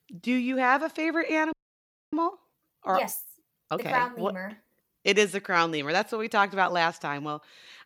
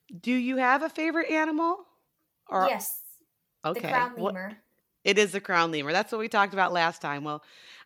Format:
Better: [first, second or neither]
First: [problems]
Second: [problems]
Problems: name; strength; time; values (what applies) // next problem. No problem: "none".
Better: second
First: audio freezing; at 1.5 s for 0.5 s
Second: none